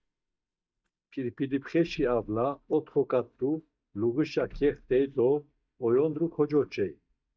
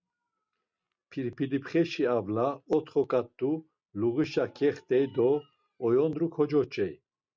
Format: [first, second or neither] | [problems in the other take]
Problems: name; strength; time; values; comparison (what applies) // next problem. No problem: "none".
second | noise reduction (neural mask model DeepFilterNet 3)